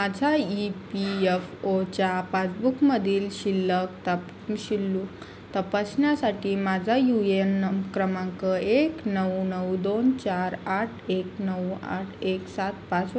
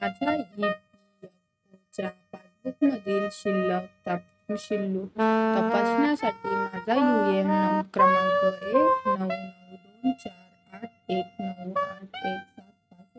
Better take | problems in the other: first | noise reduction (neural mask model RNNoise)

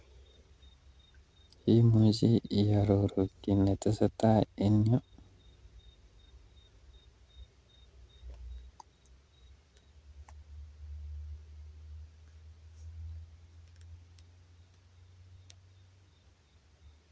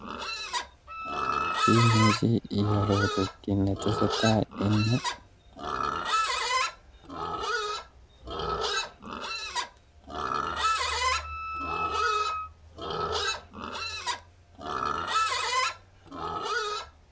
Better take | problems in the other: first | background sound (Livestock, farm animals, working animals + Wind instrument, woodwind instrument); 1 dB above the speech

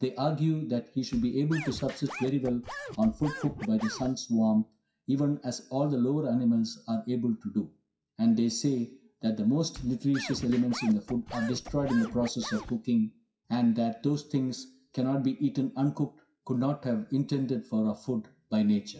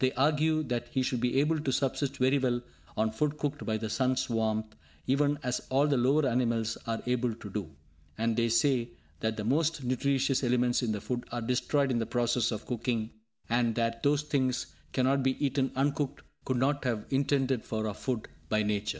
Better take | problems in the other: second | noise reduction (classical method WPE with log-MMSE)

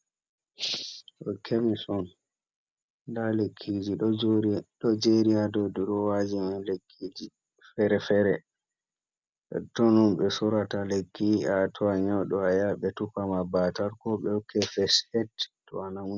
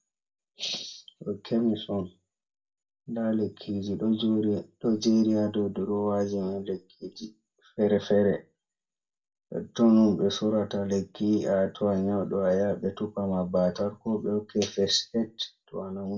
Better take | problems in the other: first | room echo; dies away in 0.2 s

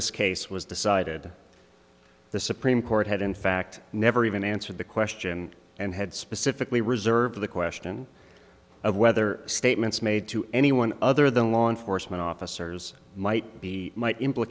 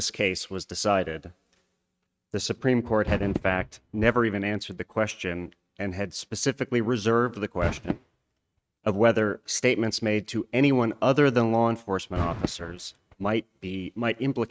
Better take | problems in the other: first | noise reduction (neural mask model RNNoise)

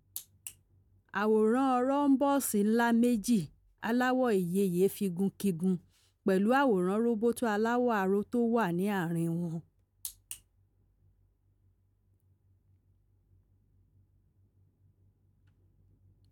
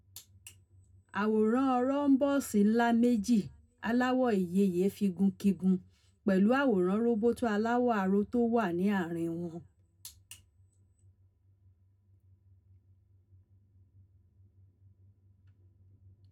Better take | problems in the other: first | room echo; dies away in 0.2 s

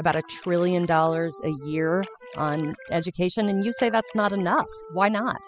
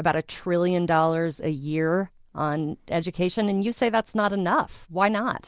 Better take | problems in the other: second | noise reduction (classical method spectral subtraction)

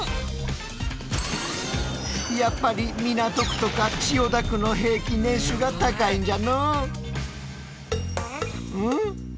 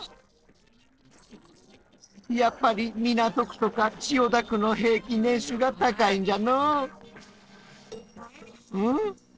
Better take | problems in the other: first | noise reduction (neural separator model SepFormer DNS4)

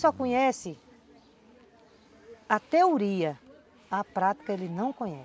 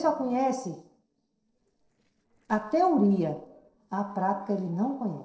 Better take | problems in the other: first | noise reduction (neural separator model SepFormer DNS4)

